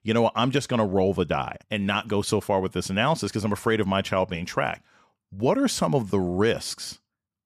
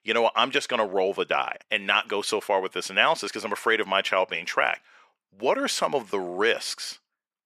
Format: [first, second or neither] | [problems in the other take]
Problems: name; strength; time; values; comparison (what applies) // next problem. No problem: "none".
first | thin; somewhat; fading below 450 Hz